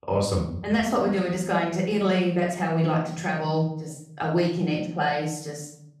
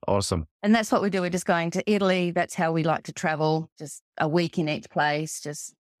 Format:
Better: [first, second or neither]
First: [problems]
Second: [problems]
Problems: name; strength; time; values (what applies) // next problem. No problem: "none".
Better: second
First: off-mic speech; somewhat distant // room echo; noticeable; dies away in 0.7 s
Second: none